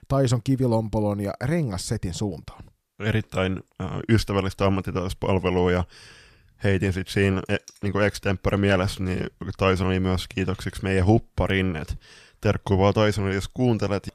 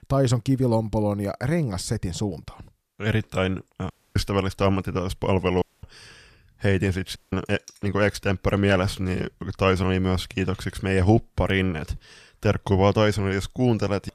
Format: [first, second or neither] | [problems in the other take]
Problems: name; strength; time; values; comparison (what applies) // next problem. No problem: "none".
first | audio cutting out; at 4 s, at 5.5 s and at 7 s